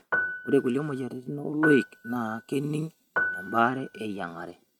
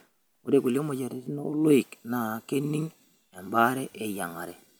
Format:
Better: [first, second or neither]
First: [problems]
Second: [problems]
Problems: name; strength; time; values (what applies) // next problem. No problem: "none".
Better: second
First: noise reduction (neural mask model RNNoise)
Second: none